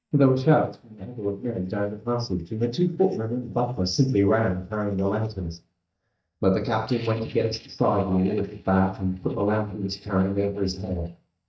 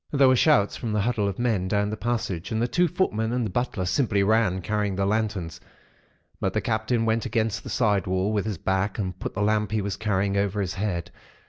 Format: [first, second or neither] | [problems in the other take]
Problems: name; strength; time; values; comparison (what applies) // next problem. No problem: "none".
second | noise reduction (neural mask model DeepFilterNet 3)